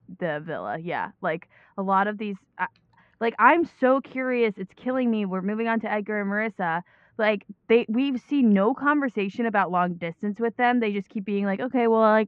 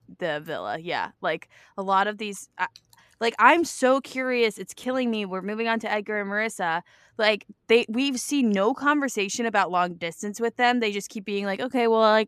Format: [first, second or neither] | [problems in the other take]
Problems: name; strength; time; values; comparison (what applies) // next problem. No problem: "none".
second | muffled; very; fading above 2 kHz